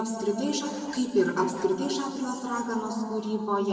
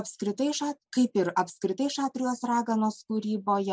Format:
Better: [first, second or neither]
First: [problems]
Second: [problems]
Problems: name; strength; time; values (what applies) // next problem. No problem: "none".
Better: second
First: background sound (Zipper (clothing)); 19 dB below the speech // room echo; dies away in 2.5 s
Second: none